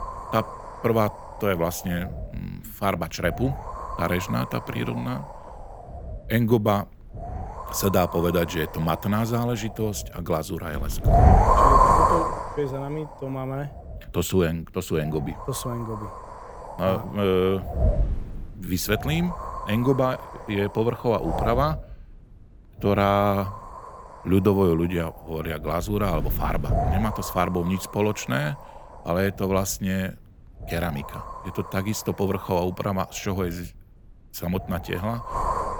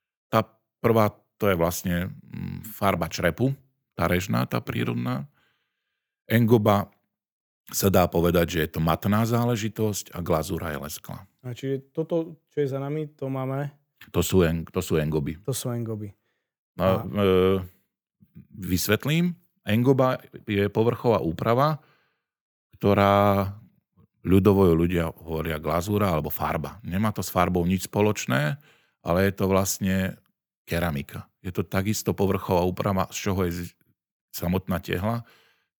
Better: second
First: wind noise on the microphone; heavy; 1 dB above the speech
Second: none

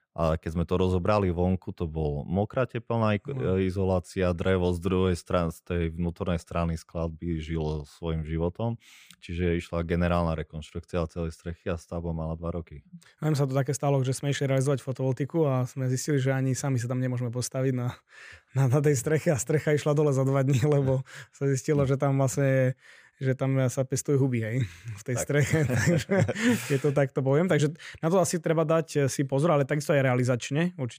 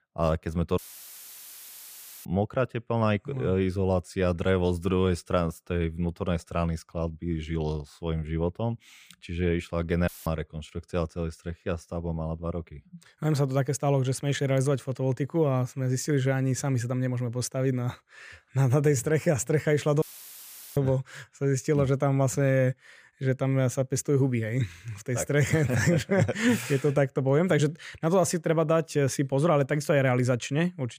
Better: first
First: none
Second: audio cutting out; filled with static; at 1 s for 1.5 s, at 10 s and at 20 s for 0.5 s

